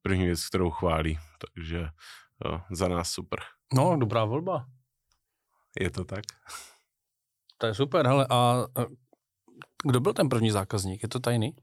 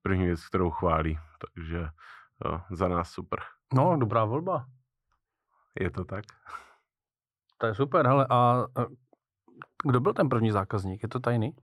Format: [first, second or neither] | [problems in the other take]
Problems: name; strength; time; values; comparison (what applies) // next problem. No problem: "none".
first | muffled; very; fading above 3.5 kHz